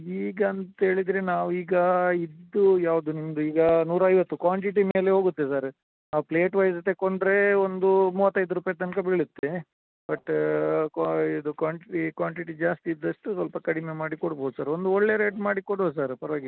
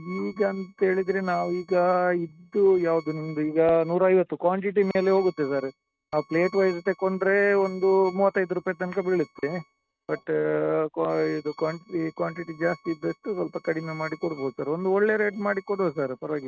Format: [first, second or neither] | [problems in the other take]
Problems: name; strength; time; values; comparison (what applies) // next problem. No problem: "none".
first | noise reduction (neural mask model RNNoise)